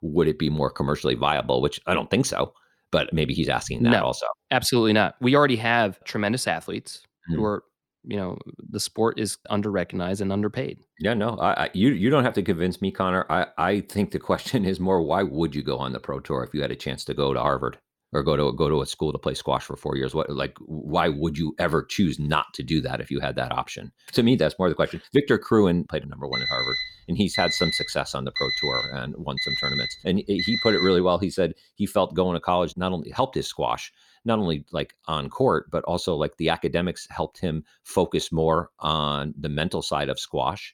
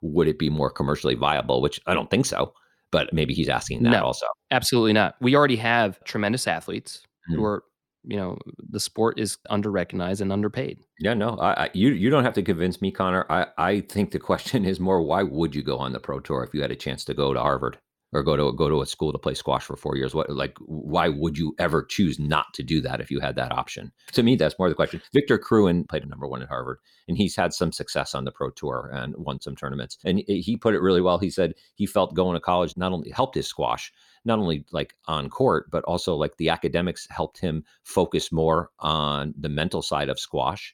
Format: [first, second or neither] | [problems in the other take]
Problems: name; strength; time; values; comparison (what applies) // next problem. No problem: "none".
second | alarm; loud; from 26 to 31 s; peak 1 dB above the speech